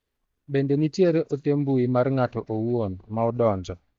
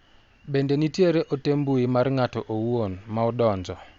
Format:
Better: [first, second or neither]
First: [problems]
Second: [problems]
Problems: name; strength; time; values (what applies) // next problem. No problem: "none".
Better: second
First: noise reduction (neural mask model DeepFilterNet 3)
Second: none